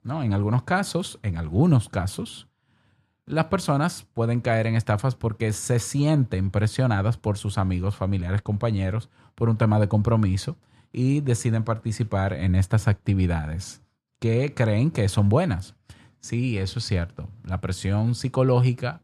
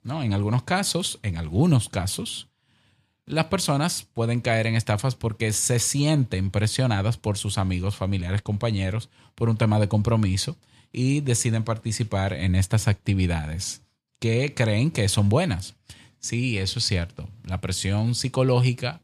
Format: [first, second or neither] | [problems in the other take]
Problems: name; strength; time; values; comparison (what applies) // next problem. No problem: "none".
second | muffled; slightly; fading above 2 kHz